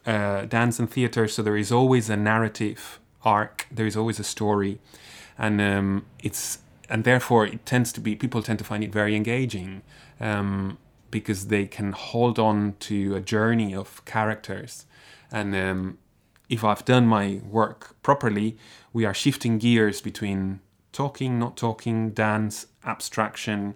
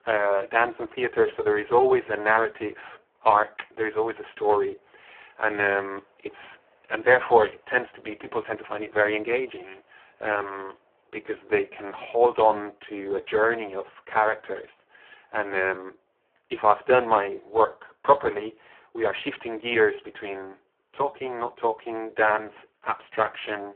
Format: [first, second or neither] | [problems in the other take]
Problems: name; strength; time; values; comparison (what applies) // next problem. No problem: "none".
first | phone-call audio; poor line